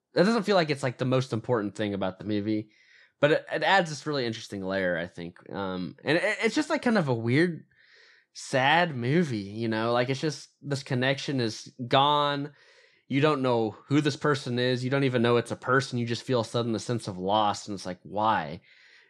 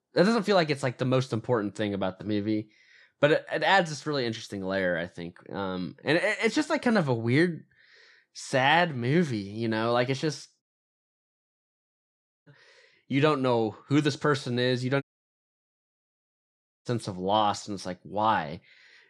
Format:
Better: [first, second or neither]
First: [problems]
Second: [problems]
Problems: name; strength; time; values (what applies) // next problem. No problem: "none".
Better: first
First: none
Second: audio cutting out; at 11 s for 2 s and at 15 s for 2 s